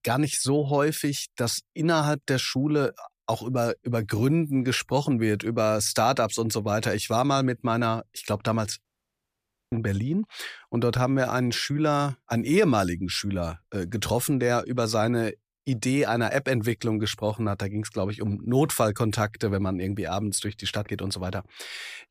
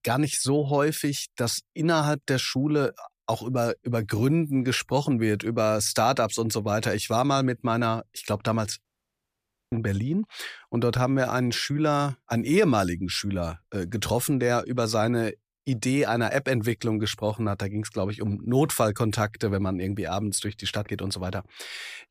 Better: neither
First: audio cutting out; at 9 s for 1 s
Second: audio cutting out; at 9 s for 1 s

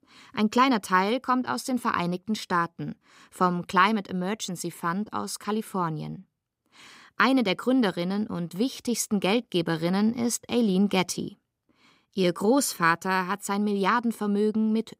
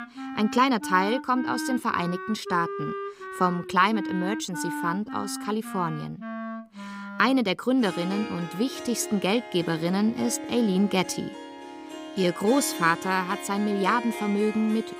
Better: first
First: none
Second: background music; loud; throughout; 10 dB below the speech

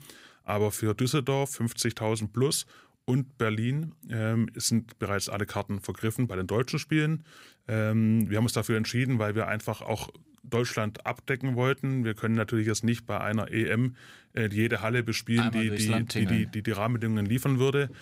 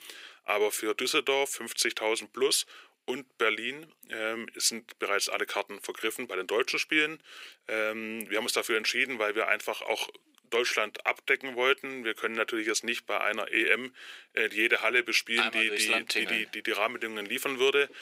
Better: first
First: none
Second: thin; very; fading below 400 Hz

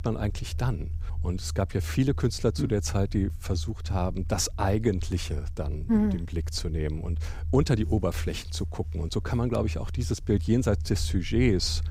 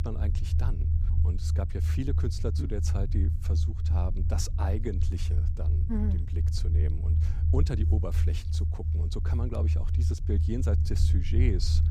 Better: first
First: low rumble; faint; throughout; 20 dB below the speech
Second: low rumble; loud; throughout; 4 dB below the speech

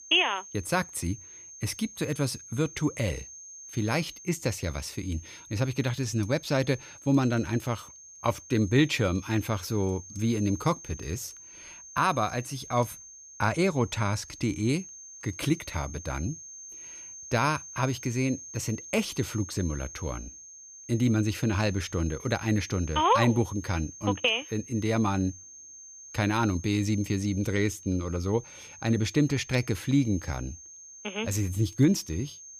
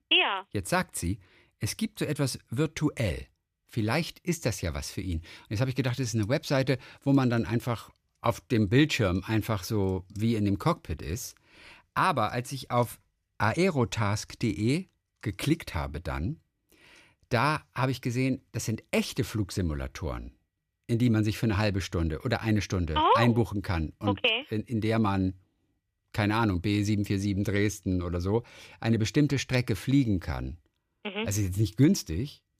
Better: second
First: high-pitched whine; noticeable; throughout; 6.5 kHz, 15 dB below the speech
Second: none

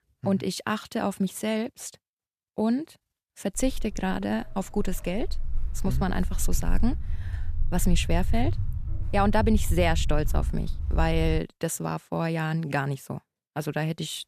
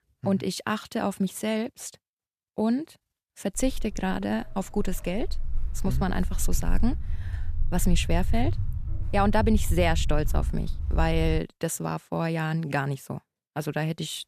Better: neither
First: footsteps; loud; from 3.5 to 11 s; peak level with the speech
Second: footsteps; loud; from 3.5 to 11 s; peak level with the speech

